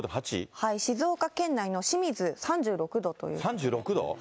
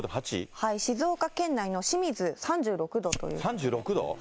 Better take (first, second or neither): first